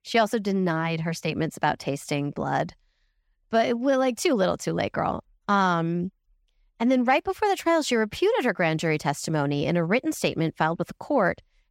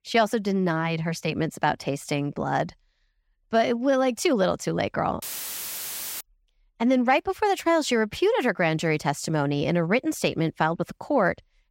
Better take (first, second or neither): first